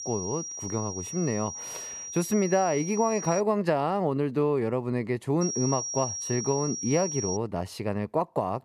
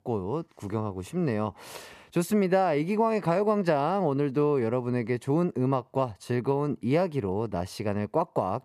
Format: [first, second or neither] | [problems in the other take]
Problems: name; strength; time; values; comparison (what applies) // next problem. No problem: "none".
second | high-pitched whine; loud; until 3.5 s and from 5.5 to 7.5 s; 5.5 kHz, 6 dB below the speech